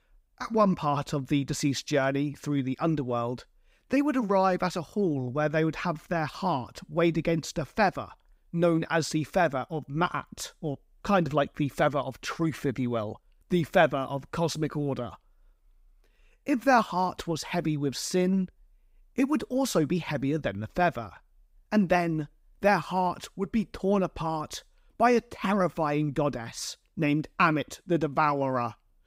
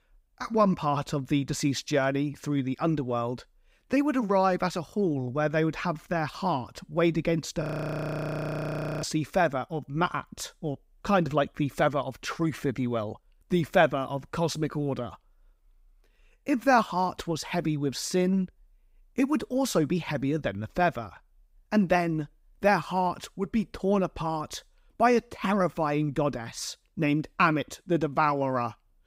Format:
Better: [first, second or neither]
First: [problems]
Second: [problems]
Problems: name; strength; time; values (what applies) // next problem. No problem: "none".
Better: first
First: none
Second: audio freezing; at 7.5 s for 1.5 s